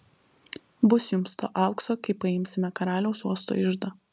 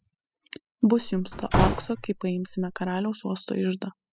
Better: first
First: none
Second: noise reduction (classical method spectral subtraction)

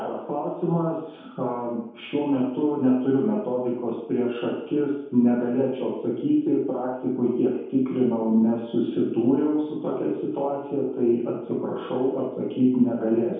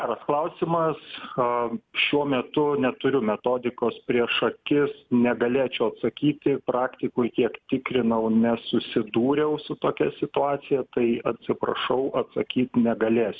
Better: second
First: room echo; dies away in 0.8 s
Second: none

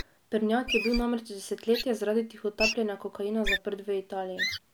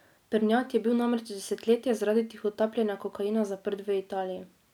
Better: second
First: background sound (Wild animals); 6 dB below the speech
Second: none

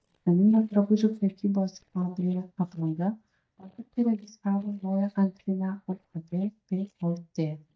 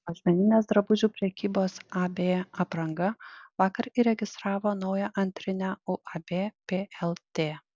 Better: second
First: noise reduction (neural mask model DeepFilterNet 3)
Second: none

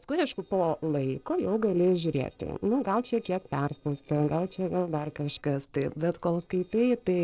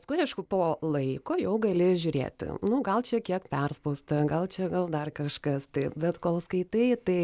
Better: second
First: noise reduction (neural separator model SepFormer DNS4)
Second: none

